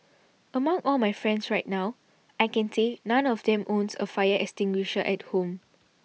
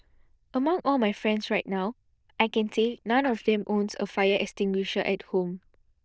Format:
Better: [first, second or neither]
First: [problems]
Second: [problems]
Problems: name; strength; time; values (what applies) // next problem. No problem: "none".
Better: first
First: none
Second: noise reduction (neural diffusion model UNIVERSE++)